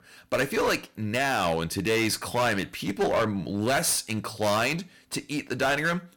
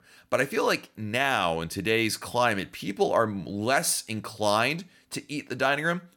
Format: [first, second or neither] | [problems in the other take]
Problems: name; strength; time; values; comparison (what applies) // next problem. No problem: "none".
second | distortion; heavy; 11% of the sound clipped